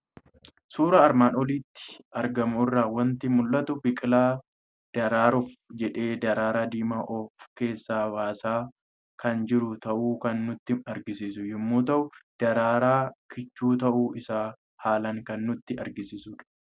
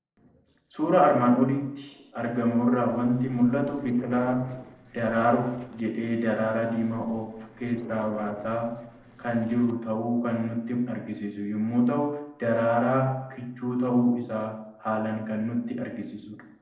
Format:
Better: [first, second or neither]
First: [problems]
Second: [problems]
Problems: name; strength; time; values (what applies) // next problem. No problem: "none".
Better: first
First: none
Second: noise reduction (neural separator model SepFormer DNS4)